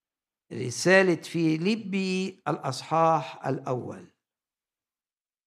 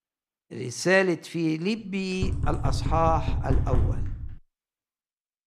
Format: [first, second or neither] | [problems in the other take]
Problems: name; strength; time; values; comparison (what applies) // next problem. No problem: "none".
first | door banging; loud; from 2 to 4.5 s; peak 1 dB above the speech